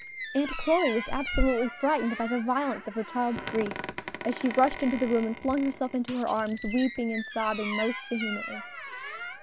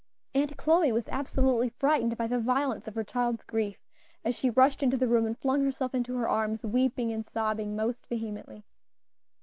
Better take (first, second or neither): second